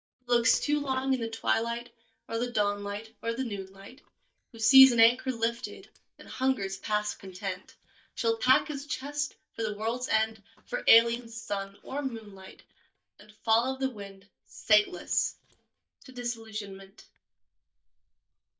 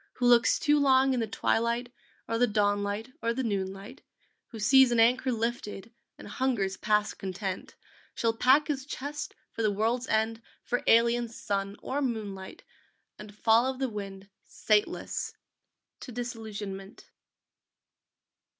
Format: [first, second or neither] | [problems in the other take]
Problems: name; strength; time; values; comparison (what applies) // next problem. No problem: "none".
second | noise reduction (neural mask model DeepFilterNet 3)